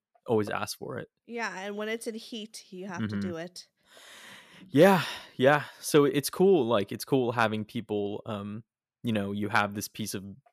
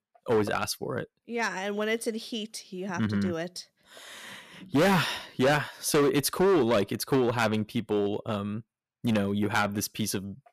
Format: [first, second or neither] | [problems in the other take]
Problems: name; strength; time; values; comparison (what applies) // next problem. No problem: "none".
first | distortion; heavy; 7% of the sound clipped